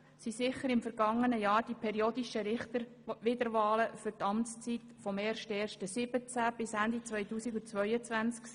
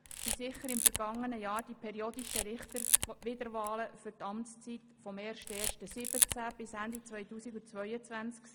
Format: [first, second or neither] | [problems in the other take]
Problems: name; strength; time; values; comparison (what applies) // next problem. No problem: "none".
first | background sound (Camera); 5 dB above the speech